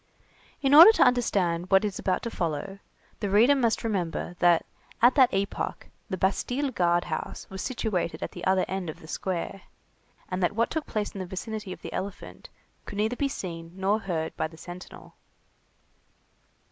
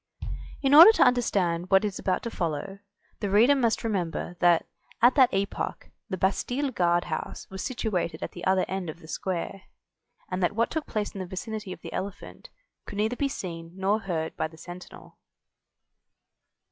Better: first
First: none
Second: noise reduction (classical method log-MMSE)

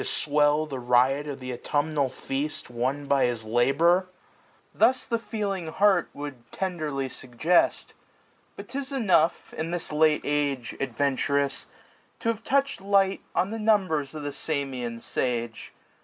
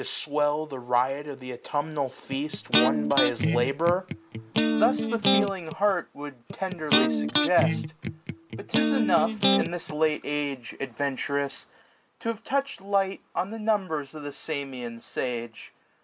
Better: first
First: none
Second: background sound (Electric guitar); 2 dB above the speech

